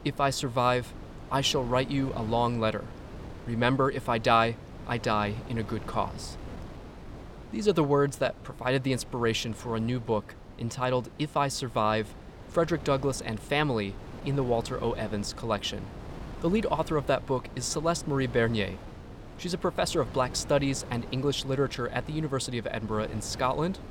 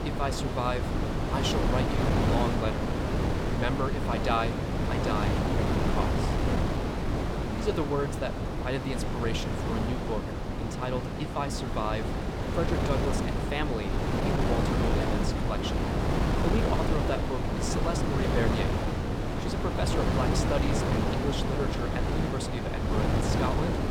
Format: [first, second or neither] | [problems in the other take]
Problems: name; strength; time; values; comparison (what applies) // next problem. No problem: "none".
first | wind noise on the microphone; heavy; 1 dB above the speech; occasional gusts in the first